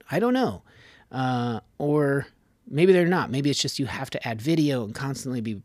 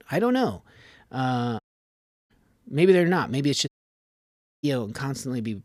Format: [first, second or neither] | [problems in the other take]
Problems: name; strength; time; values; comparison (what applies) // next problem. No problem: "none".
first | audio cutting out; at 1.5 s for 0.5 s and at 3.5 s for 1 s